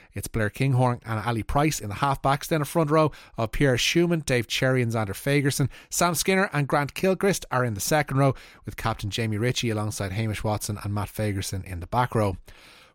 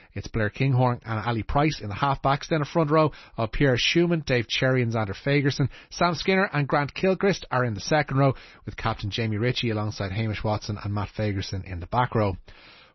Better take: first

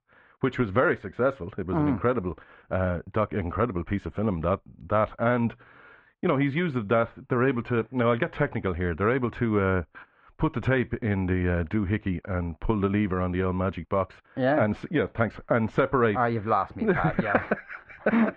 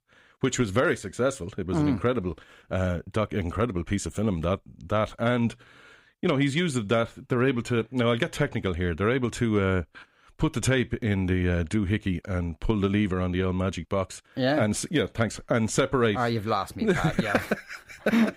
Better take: second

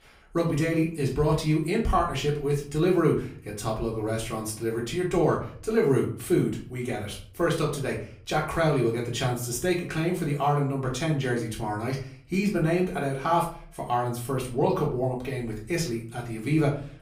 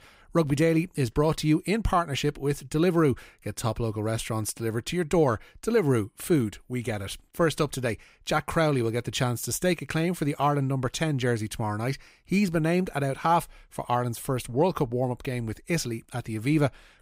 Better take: second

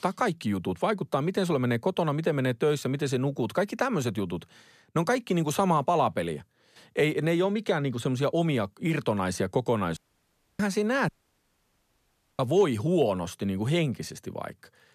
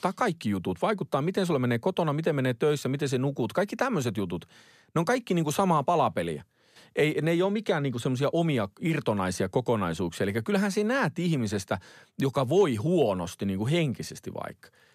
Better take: second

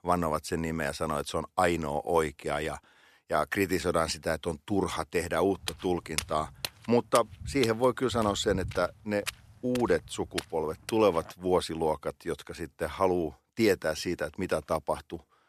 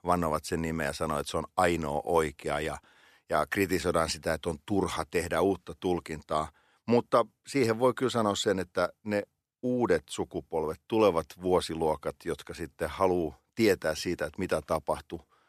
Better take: second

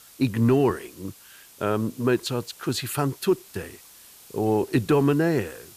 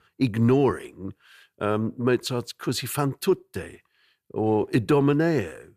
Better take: second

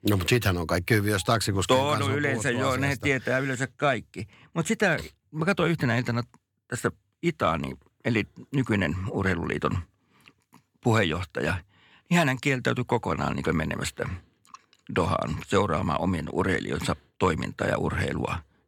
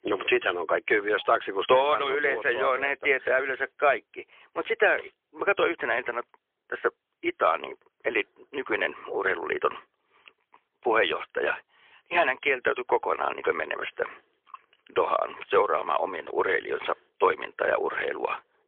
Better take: first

